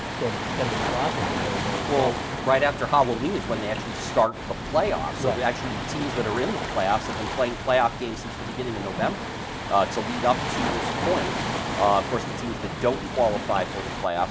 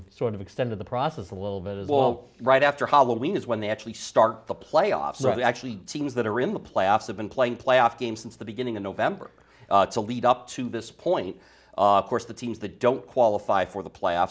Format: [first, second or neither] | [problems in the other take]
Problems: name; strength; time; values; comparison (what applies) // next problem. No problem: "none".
second | background sound (Waves, surf); 3 dB below the speech